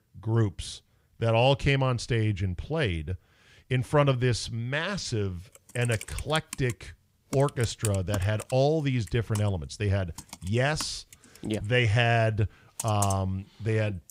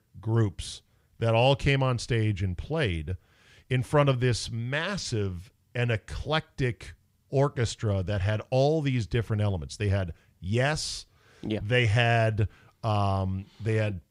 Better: second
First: keyboard typing; noticeable; from 6 to 13 s; peak 6 dB below the speech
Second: none

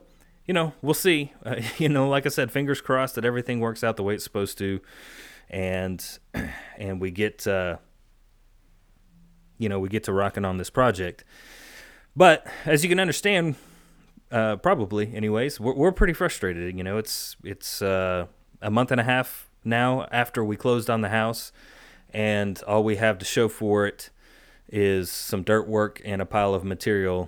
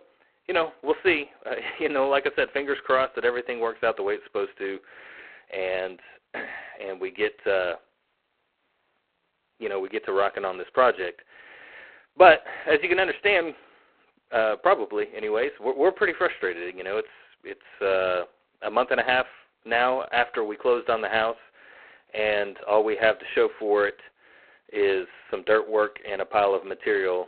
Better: first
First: none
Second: phone-call audio; poor line

